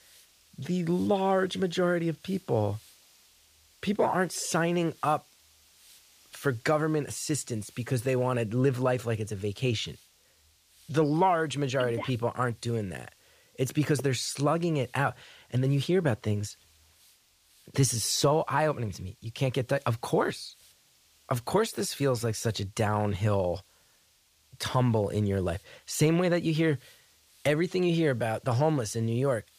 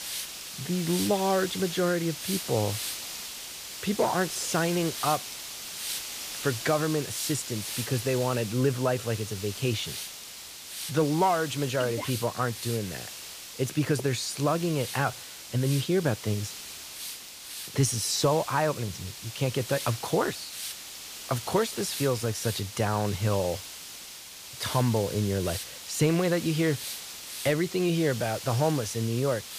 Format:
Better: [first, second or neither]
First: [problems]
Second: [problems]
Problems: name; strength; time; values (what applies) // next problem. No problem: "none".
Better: first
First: hiss; faint; throughout; 30 dB below the speech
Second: hiss; loud; throughout; 8 dB below the speech